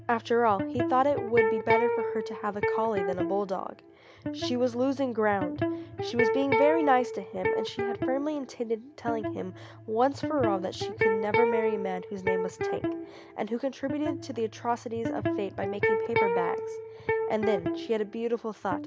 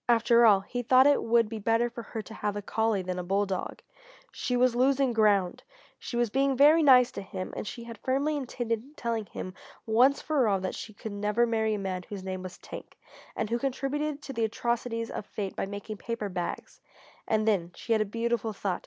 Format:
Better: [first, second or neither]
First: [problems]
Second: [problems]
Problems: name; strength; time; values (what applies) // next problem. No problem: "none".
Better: second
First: background sound (Electric guitar); 1 dB below the speech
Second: none